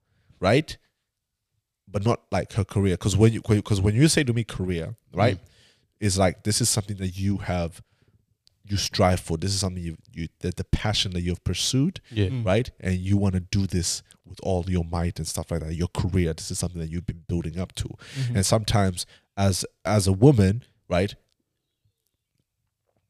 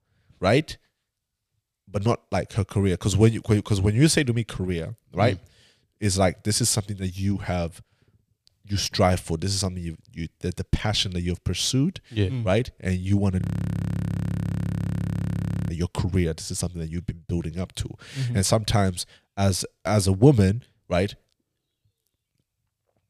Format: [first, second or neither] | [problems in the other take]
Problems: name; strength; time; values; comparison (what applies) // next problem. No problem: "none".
first | audio freezing; at 13 s for 2.5 s